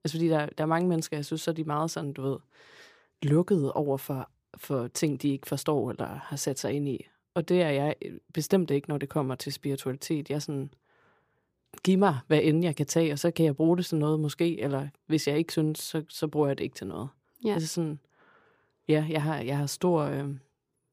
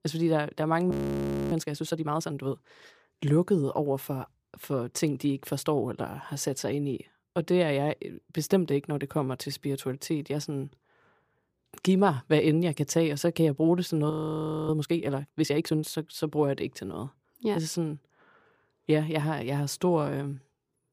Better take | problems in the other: first | audio freezing; at 1 s for 0.5 s and at 14 s for 0.5 s

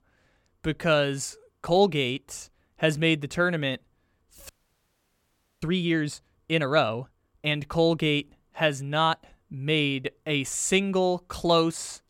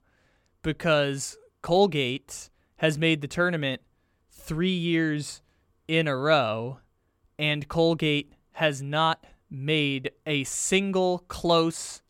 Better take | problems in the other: second | audio freezing; at 4.5 s for 1 s

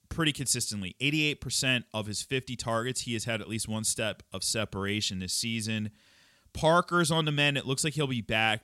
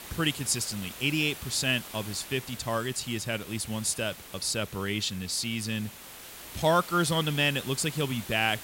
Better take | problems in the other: first | hiss; noticeable; throughout; 15 dB below the speech

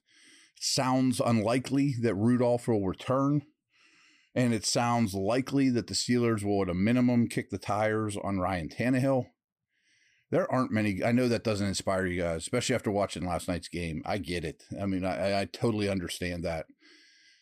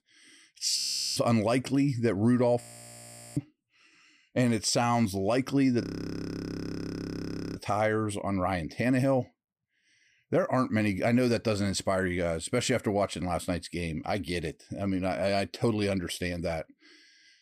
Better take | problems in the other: first | audio freezing; at 1 s, at 2.5 s for 1 s and at 6 s for 1.5 s

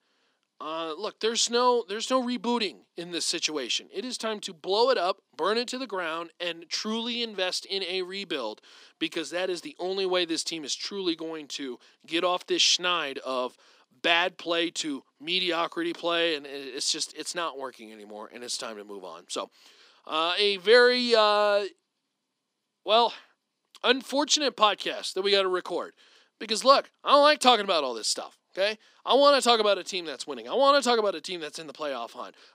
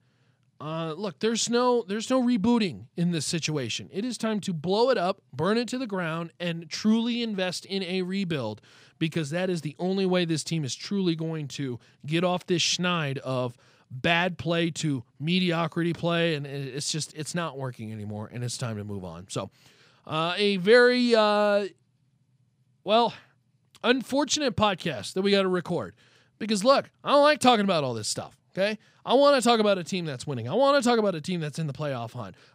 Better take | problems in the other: second | thin; somewhat; fading below 250 Hz

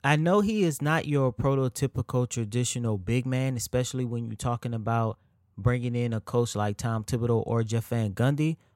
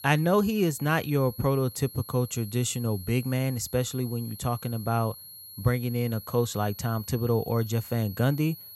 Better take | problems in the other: first | high-pitched whine; noticeable; throughout; 11.5 kHz, 15 dB below the speech

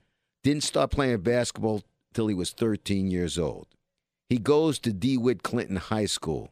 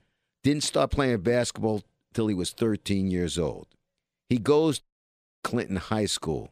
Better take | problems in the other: first | audio cutting out; at 5 s for 0.5 s

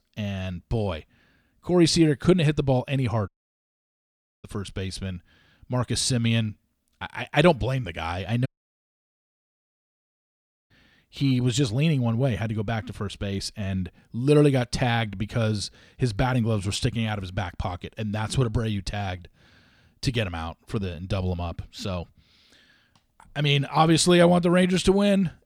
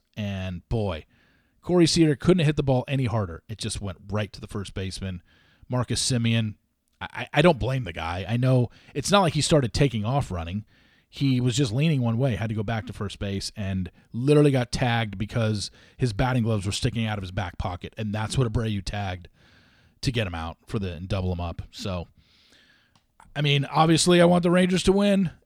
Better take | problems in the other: second | audio cutting out; at 3.5 s for 1 s and at 8.5 s for 2 s

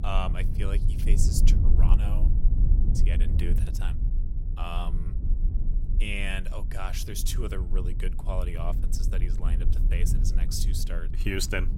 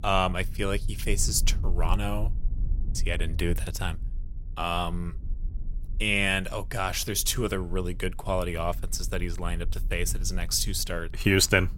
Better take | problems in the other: second | low rumble; loud; throughout; 9 dB below the speech; faint in the second

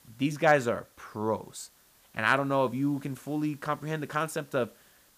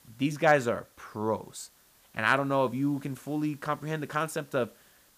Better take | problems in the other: neither | hiss; faint; throughout; 30 dB below the speech; the same in both

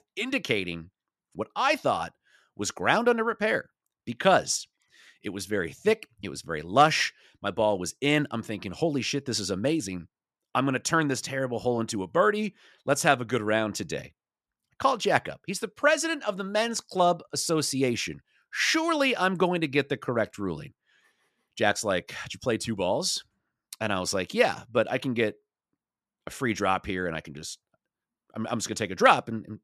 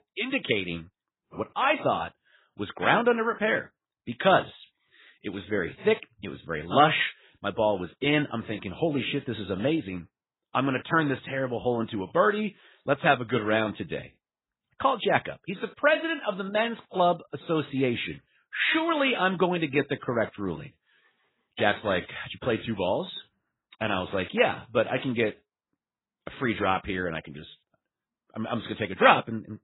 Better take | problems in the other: first | garbled, watery; badly; nothing above 4 kHz

